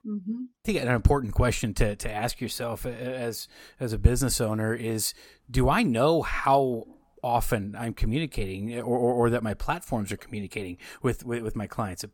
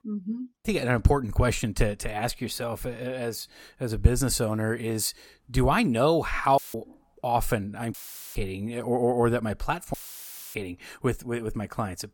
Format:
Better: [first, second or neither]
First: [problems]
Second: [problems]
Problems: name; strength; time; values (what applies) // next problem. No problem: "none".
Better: first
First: none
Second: audio cutting out; filled with static; at 6.5 s, at 8 s and at 10 s for 0.5 s